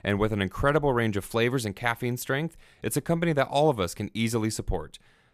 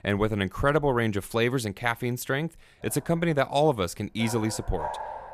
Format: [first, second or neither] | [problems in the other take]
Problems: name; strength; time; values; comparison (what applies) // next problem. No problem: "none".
first | animal sounds; noticeable; throughout; 10 dB below the speech